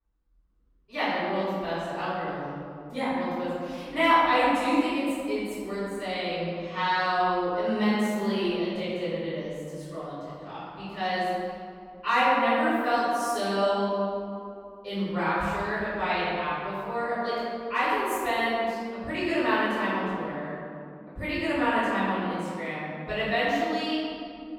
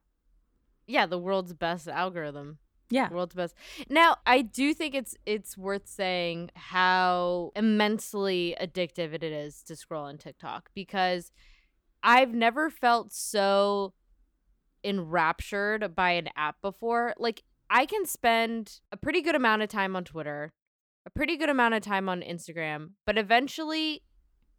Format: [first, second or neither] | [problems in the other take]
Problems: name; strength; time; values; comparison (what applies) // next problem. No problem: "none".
second | room echo; strong; dies away in 2.2 s // off-mic speech; far